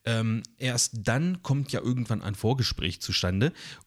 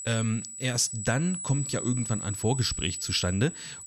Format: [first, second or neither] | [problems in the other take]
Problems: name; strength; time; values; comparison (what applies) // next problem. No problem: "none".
first | high-pitched whine; loud; throughout; 8 kHz, 6 dB below the speech